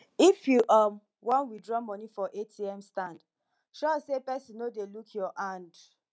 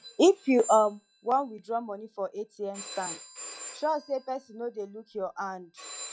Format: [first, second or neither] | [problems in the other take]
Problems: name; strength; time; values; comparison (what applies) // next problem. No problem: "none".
first | noise reduction (classical method log-MMSE)